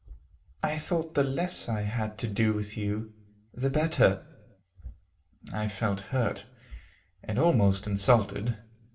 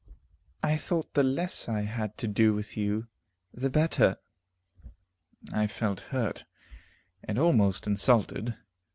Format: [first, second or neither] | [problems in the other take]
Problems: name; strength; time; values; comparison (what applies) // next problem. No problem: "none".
second | room echo; dies away in 0.4 s